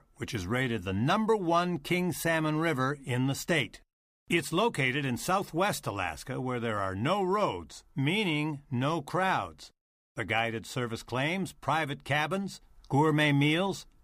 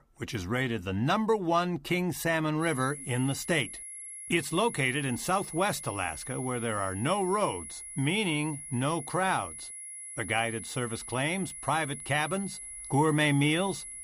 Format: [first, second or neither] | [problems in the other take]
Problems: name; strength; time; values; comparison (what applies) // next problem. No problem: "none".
first | high-pitched whine; loud; from 2.5 s on; 10.5 kHz, 10 dB below the speech